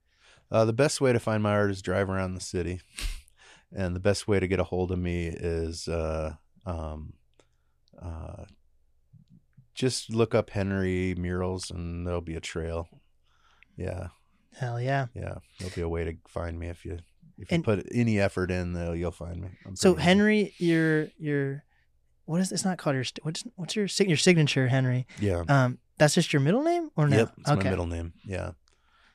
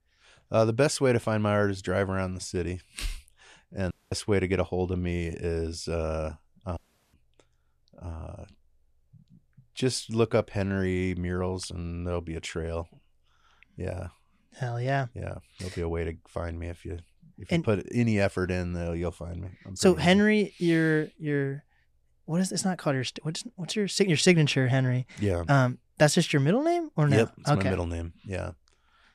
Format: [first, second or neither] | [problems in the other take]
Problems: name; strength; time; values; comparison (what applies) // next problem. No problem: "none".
first | audio cutting out; at 4 s and at 7 s